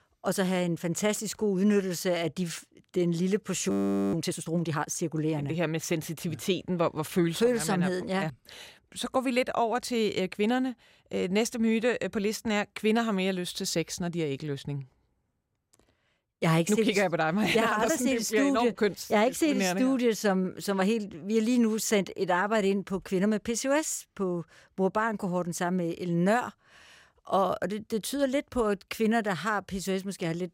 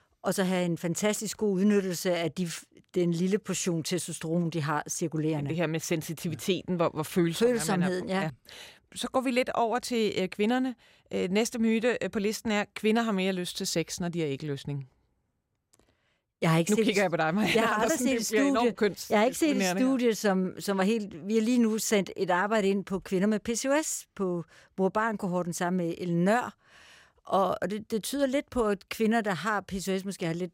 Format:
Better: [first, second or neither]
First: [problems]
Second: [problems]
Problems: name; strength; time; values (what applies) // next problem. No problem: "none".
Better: second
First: audio freezing; at 3.5 s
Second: none